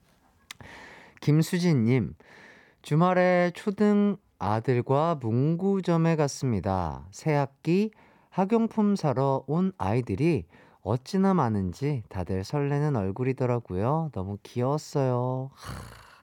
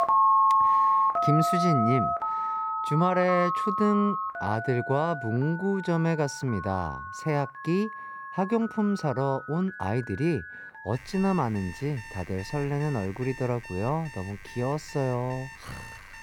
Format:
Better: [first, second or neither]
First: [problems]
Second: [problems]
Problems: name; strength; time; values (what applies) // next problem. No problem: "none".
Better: first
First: none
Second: alarms or sirens; very loud; throughout; 1 dB above the speech